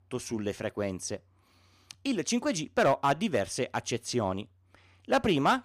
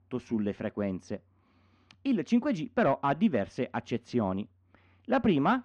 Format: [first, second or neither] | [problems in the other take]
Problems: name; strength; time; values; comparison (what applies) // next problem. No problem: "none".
first | muffled; slightly; fading above 2.5 kHz